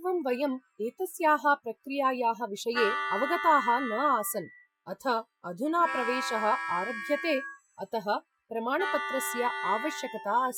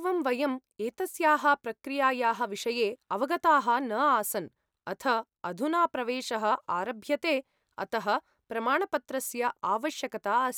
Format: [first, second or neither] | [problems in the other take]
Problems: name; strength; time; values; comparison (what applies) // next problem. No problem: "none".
second | noise reduction (classical method Wiener filter)